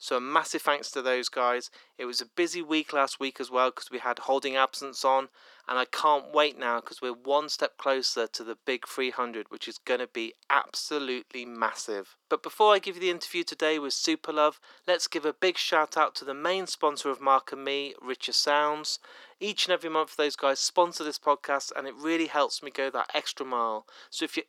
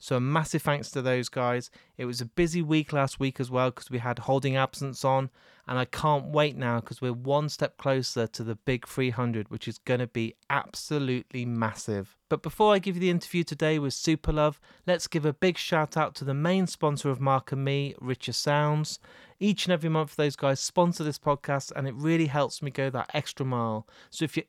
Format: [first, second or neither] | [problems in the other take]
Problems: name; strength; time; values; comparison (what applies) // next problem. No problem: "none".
second | thin; very; fading below 300 Hz